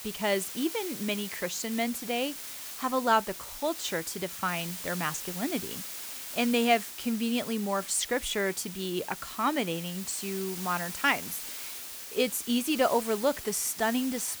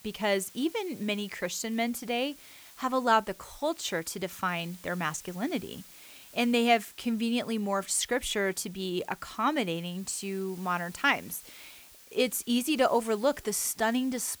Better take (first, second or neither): second